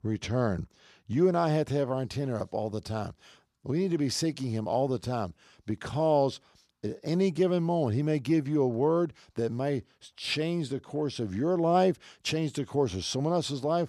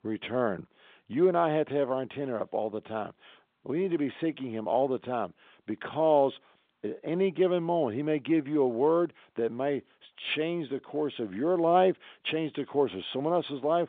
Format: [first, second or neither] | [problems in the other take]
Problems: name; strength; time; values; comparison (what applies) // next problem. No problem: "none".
first | phone-call audio